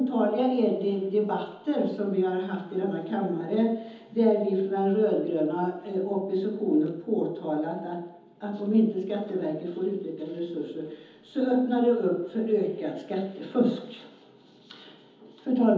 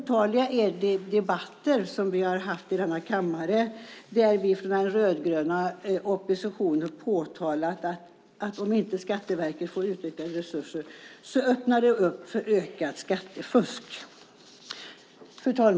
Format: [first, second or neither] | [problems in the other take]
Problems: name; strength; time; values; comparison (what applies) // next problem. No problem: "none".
second | room echo; dies away in 1.3 s